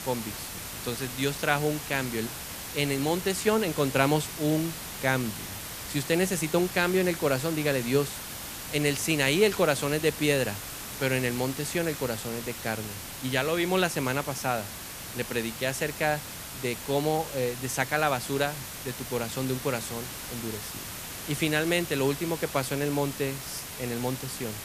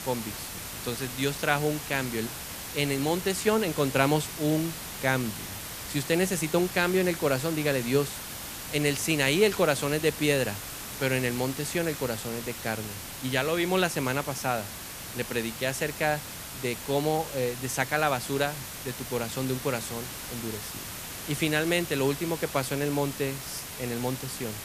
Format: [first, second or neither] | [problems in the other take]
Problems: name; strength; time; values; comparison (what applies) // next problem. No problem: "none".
neither | hiss; loud; throughout; 8 dB below the speech; the same in both